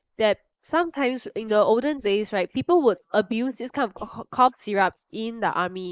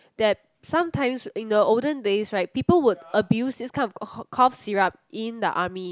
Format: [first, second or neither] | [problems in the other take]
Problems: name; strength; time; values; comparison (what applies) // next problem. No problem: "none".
second | noise reduction (neural mask model Resemble Enhance denoiser)